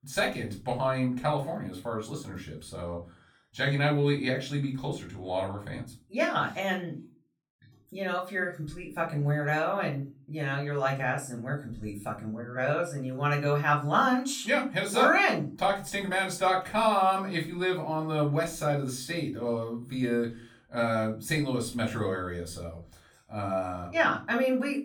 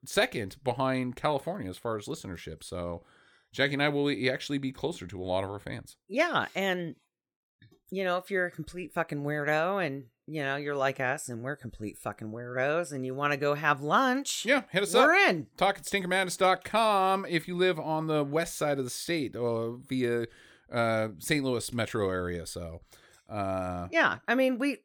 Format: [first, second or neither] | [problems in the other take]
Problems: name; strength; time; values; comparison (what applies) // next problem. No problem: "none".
second | off-mic speech; far // room echo; slight; dies away in 0.3 s